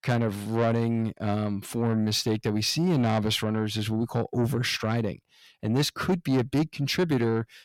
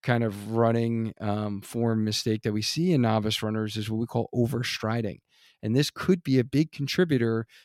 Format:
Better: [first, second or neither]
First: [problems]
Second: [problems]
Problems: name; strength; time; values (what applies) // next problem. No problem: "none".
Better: second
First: distortion; slight; 10 dB below the speech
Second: none